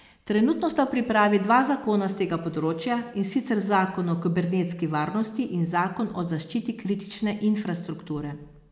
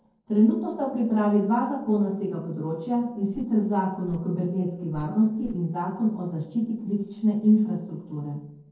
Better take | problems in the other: first | noise reduction (neural separator model SepFormer DNS4)

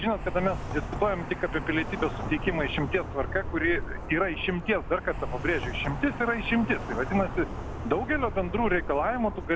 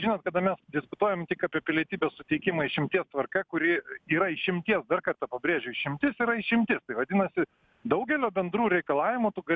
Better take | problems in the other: second | background sound (Traffic noise, roadway noise); 6 dB below the speech

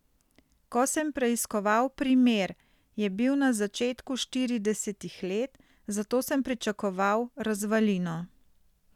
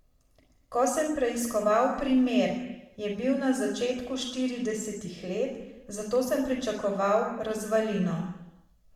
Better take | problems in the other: first | room echo; dies away in 0.8 s

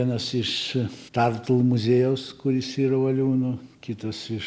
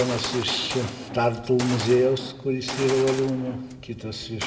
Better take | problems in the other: first | background sound (Gunshot, gunfire); 10 dB below the speech // room echo; dies away in 1 s

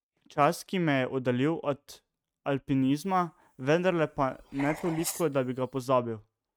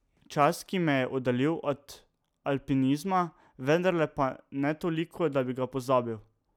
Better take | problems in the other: second | noise reduction (neural mask model RNNoise)

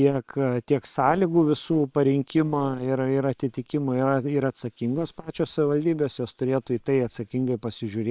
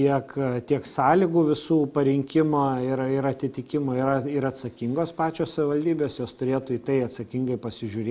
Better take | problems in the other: second | noise reduction (neural separator model SepFormer WHAM!)

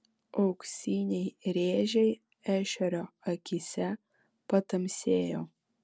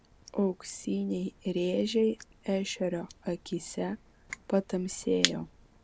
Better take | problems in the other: first | background sound (Crushing); 10 dB below the speech

